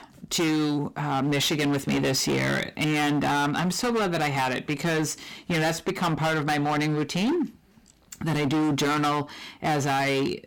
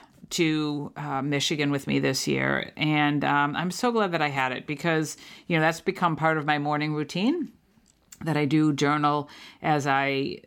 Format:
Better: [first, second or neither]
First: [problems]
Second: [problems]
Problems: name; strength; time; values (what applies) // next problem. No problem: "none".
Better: second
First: distortion; heavy; 24% of the sound clipped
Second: none